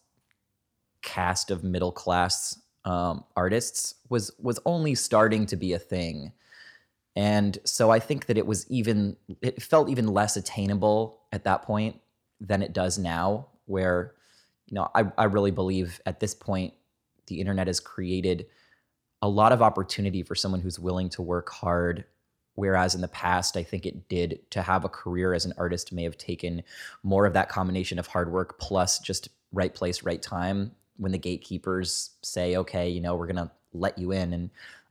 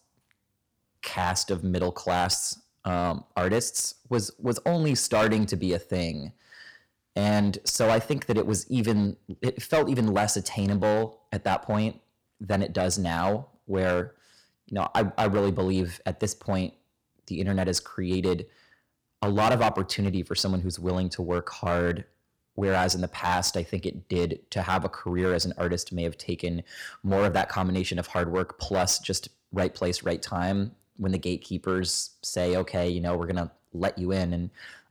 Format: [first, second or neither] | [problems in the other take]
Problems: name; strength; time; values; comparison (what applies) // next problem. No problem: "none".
first | distortion; slight; 5% of the sound clipped